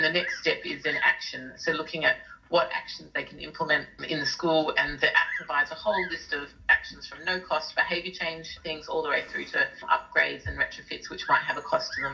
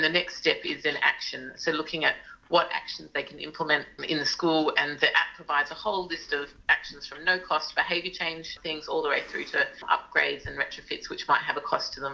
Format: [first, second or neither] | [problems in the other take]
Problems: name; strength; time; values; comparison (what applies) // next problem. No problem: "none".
second | background sound (Bird vocalization, bird call, bird song); 15 dB below the speech // room echo; dies away in 0.4 s